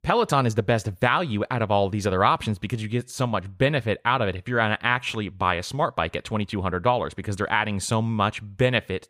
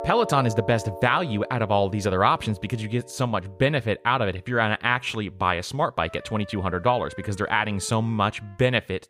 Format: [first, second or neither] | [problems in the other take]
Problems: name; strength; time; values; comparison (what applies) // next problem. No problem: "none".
first | background music; noticeable; throughout; 15 dB below the speech